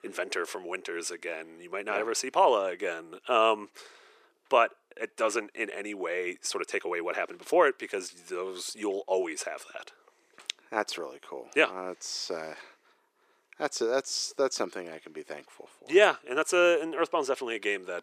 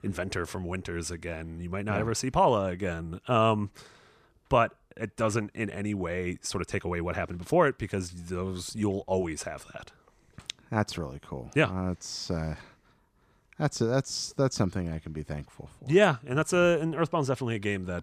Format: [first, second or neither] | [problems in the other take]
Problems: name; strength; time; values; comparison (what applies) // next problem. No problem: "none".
second | thin; very; fading below 350 Hz